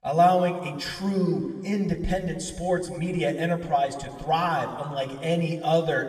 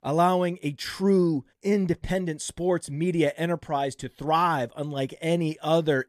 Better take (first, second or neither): second